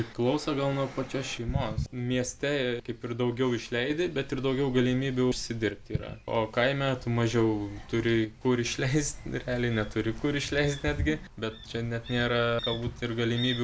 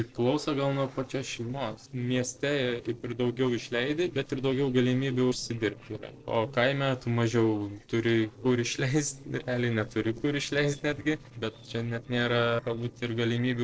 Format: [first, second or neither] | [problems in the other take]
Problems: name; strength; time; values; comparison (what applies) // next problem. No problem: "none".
first | noise reduction (neural separator model SepFormer DNS4)